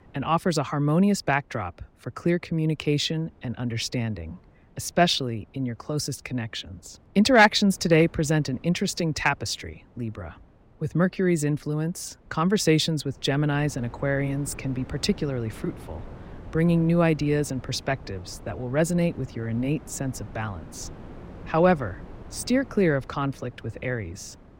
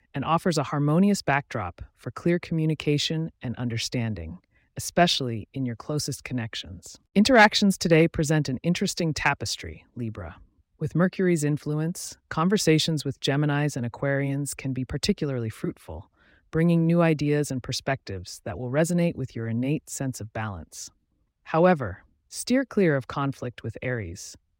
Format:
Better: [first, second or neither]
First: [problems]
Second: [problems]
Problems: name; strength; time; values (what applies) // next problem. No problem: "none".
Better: second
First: wind noise on the microphone; occasional gusts; 25 dB below the speech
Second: none